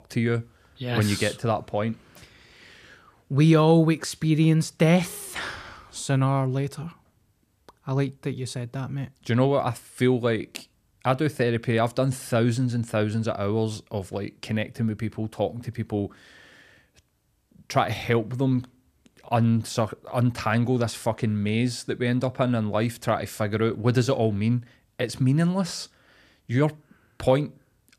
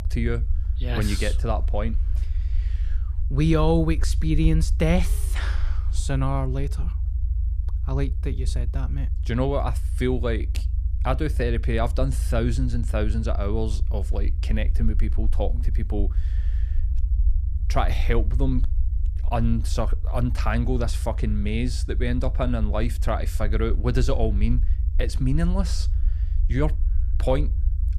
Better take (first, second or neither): first